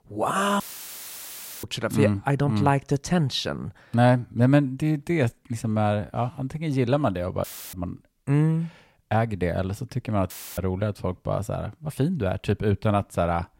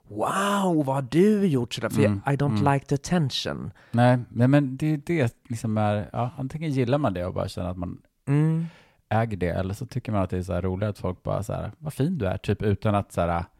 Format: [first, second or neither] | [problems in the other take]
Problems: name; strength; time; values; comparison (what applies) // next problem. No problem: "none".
second | audio cutting out; filled with static; at 0.5 s for 1 s, at 7.5 s and at 10 s